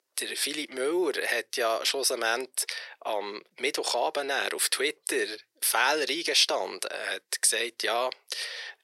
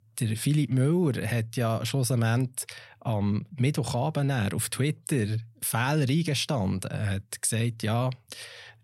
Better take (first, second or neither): second